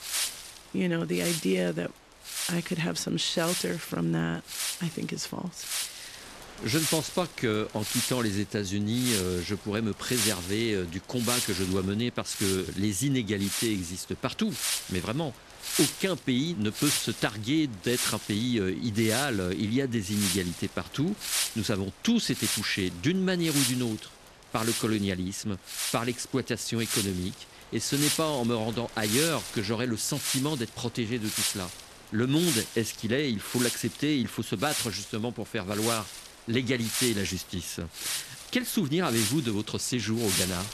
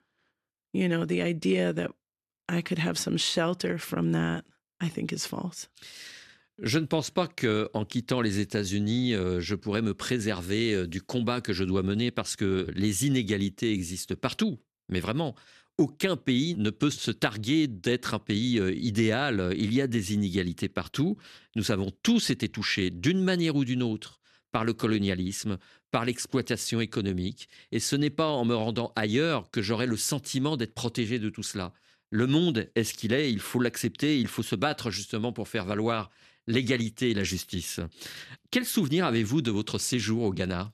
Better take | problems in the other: second | wind noise on the microphone; heavy; 1 dB below the speech

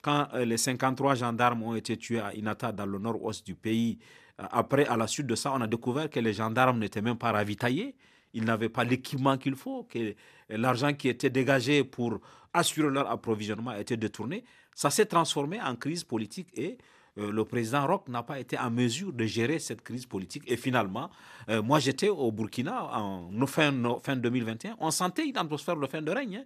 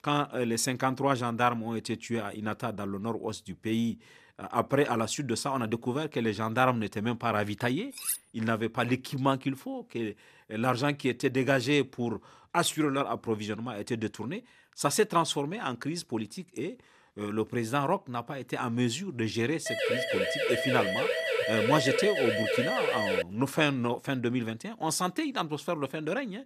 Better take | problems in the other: first | clattering dishes; noticeable; at 8 s; peak 2 dB below the speech // siren; loud; from 20 to 23 s; peak 2 dB above the speech

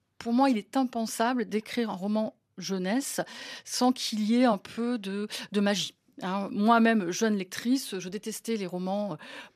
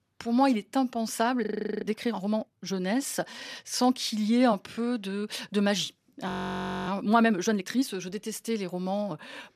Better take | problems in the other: first | audio freezing; at 1.5 s and at 6.5 s for 0.5 s

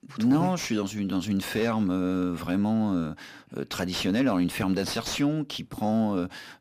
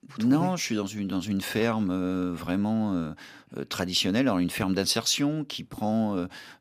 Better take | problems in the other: second | distortion; slight; 10 dB below the speech

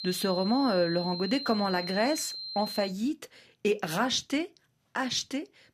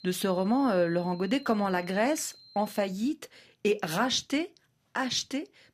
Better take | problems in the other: second | high-pitched whine; loud; until 3 s; 4 kHz, 7 dB below the speech; faint in the second

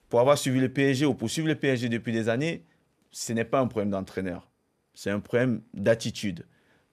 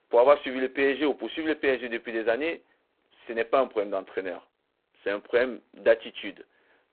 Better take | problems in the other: first | phone-call audio; poor line; nothing above 3.5 kHz

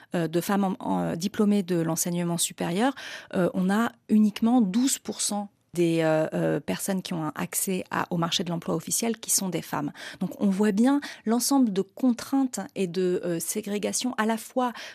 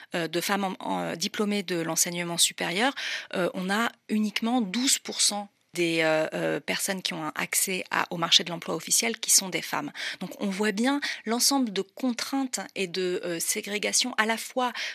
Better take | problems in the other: first | thin; very slightly; fading below 400 Hz

